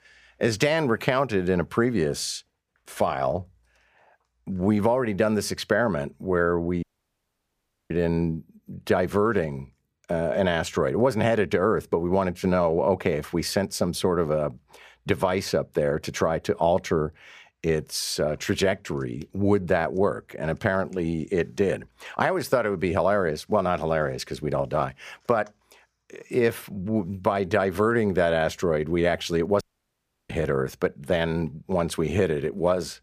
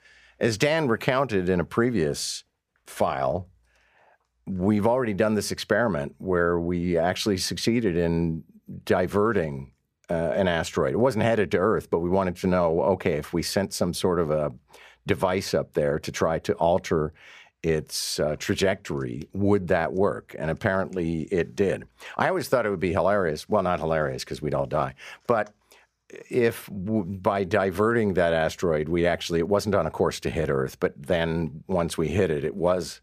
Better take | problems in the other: second | audio cutting out; at 7 s for 1 s and at 30 s for 0.5 s

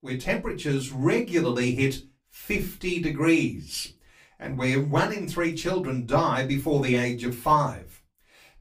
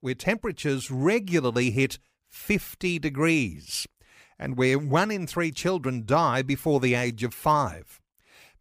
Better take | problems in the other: second | off-mic speech; far // room echo; very slight; dies away in 0.2 s

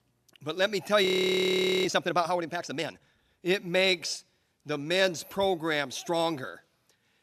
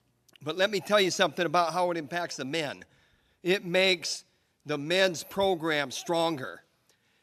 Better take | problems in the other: second | audio freezing; at 1 s for 1 s

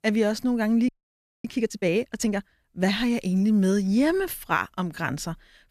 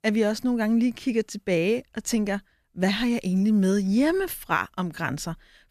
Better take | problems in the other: second | audio freezing; at 1 s for 0.5 s

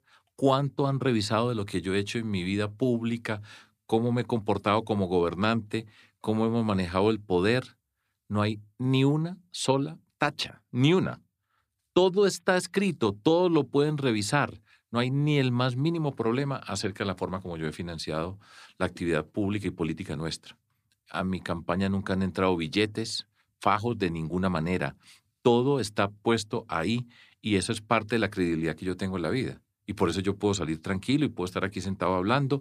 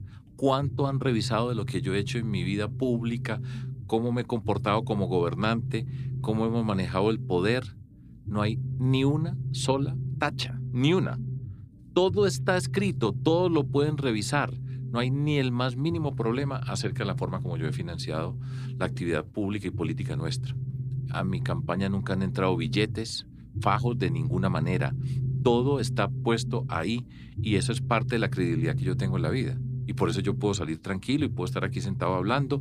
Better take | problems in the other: first | low rumble; noticeable; throughout; 15 dB below the speech

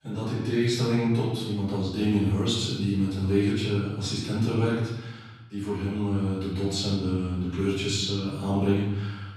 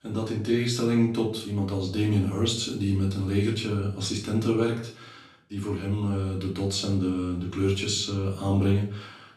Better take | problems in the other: second | room echo; strong; dies away in 1 s; slight in the second // off-mic speech; far; far in the second

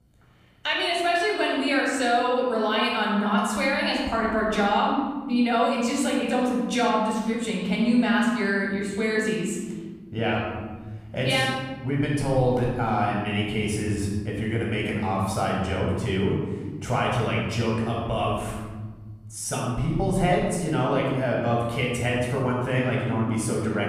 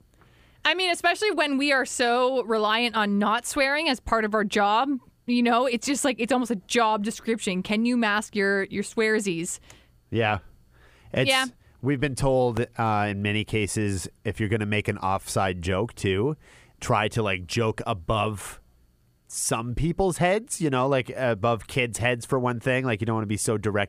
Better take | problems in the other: second | off-mic speech; far // room echo; noticeable; dies away in 1.6 s

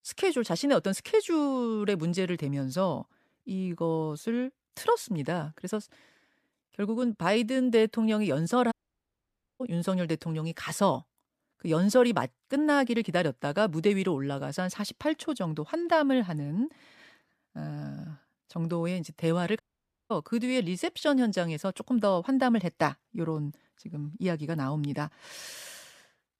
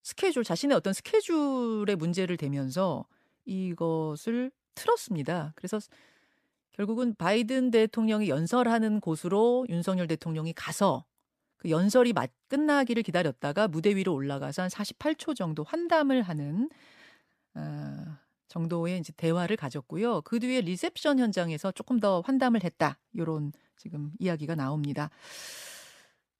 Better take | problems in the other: second | audio cutting out; at 8.5 s for 1 s and at 20 s for 0.5 s

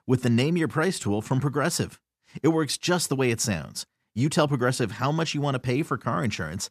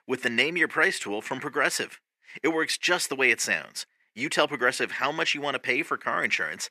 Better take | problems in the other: first | thin; very; fading below 400 Hz

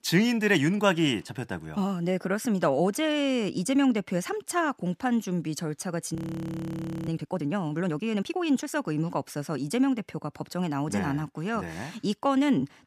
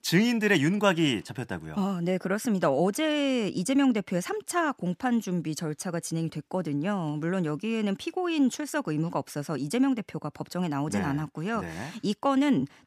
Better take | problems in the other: second | audio freezing; at 6 s for 1 s

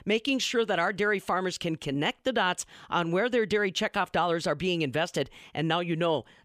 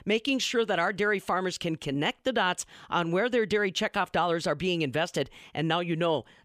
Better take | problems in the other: neither | none

